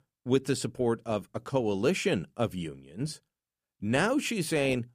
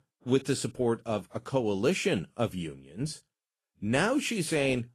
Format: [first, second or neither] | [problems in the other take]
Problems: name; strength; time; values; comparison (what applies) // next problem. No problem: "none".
first | garbled, watery; slightly; nothing above 12 kHz